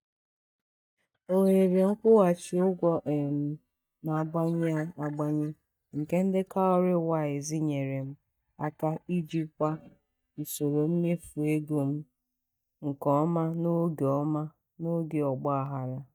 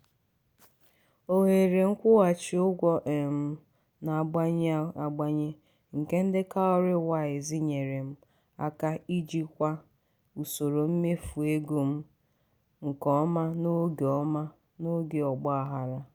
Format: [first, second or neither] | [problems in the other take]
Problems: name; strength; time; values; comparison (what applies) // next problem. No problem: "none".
second | noise reduction (neural mask model DeepFilterNet 3)